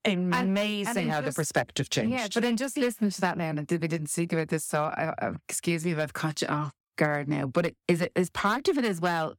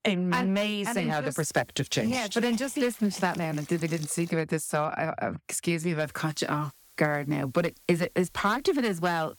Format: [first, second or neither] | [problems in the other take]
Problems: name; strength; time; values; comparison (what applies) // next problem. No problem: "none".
first | hiss; noticeable; from 1.5 to 4.5 s and from 6 s on; 20 dB below the speech